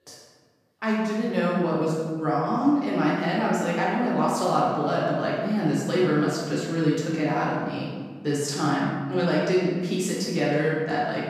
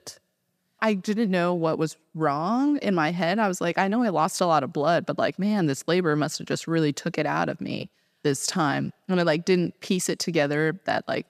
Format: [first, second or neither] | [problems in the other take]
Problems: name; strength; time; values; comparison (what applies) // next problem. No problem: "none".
second | room echo; strong; dies away in 1.4 s // off-mic speech; far